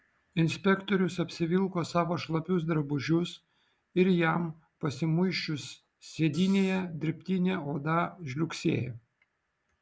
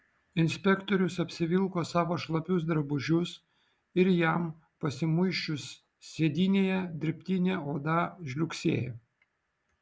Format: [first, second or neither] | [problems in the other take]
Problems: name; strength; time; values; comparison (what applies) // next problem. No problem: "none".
second | background sound (Hi-hat); 19 dB below the speech